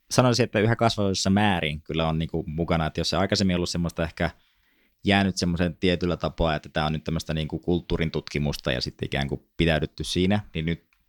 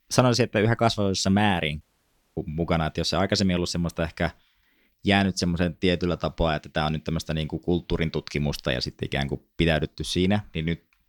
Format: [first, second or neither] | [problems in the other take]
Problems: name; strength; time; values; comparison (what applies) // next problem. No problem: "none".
first | audio cutting out; at 2 s for 0.5 s